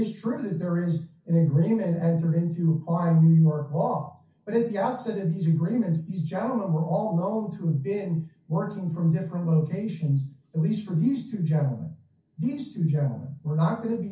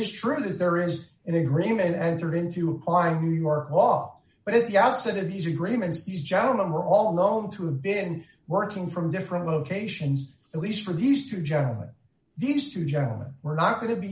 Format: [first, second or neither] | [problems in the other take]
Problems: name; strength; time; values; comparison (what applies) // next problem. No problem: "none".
second | room echo; dies away in 0.3 s